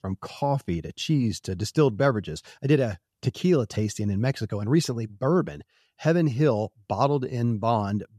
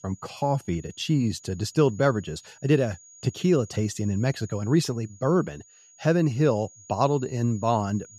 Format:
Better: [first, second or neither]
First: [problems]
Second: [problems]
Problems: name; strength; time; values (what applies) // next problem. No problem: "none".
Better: first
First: none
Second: high-pitched whine; faint; throughout; 6.5 kHz, 25 dB below the speech